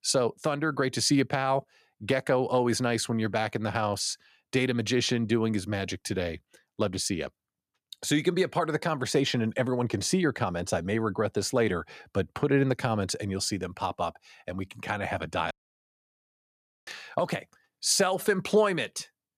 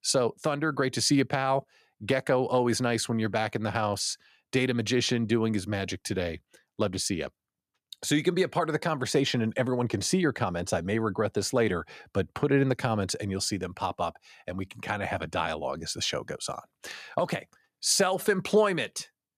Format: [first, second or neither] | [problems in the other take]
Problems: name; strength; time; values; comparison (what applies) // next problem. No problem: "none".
second | audio cutting out; at 16 s for 1.5 s